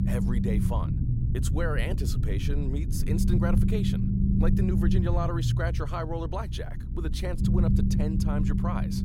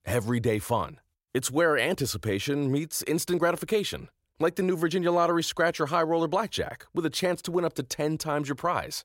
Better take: second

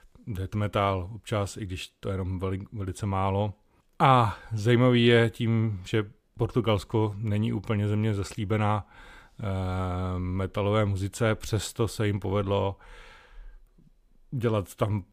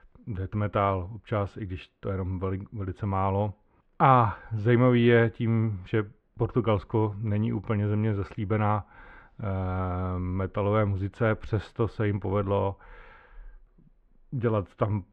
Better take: first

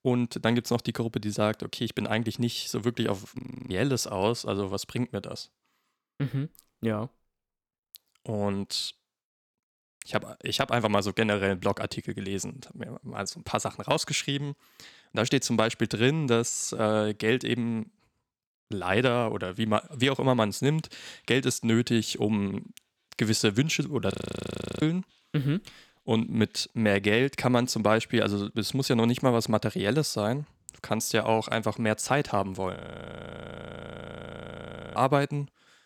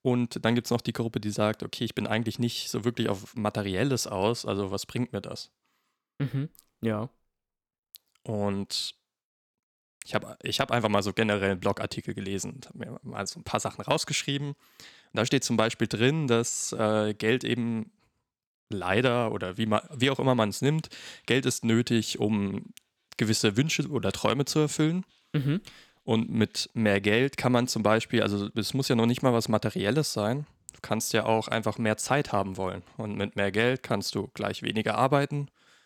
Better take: second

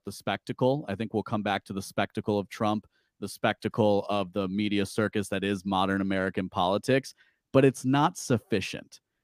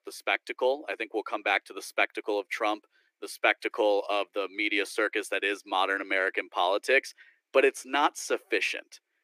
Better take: first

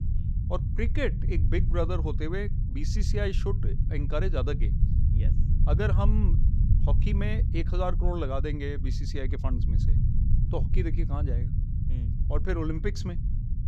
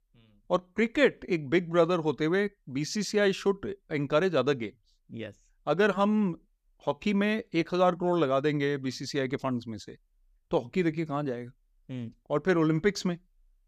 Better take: second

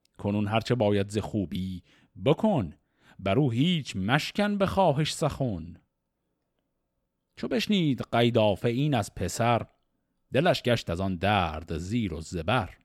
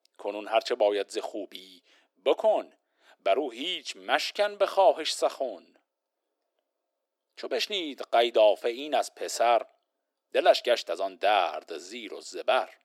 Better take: first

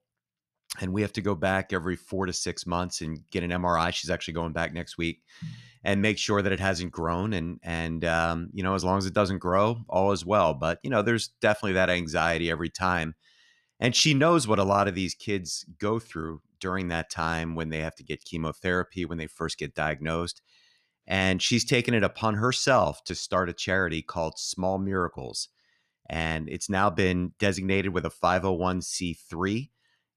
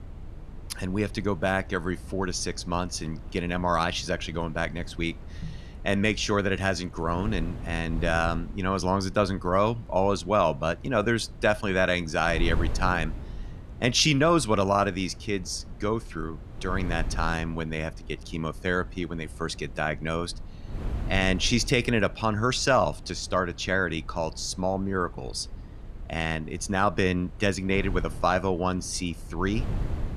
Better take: first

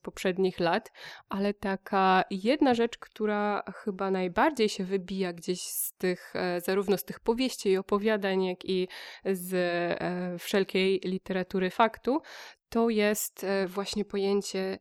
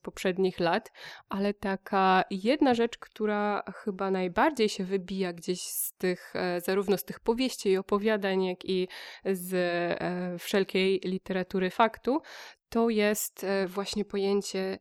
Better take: neither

